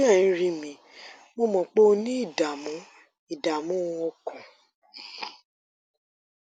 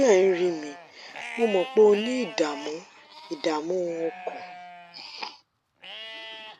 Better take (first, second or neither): first